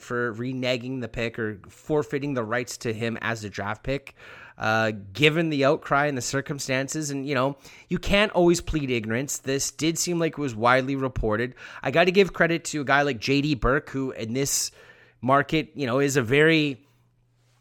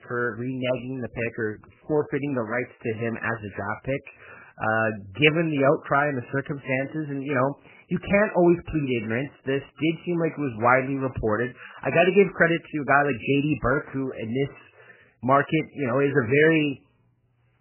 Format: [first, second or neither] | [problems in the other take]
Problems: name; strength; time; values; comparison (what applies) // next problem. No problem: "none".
first | garbled, watery; badly; nothing above 3 kHz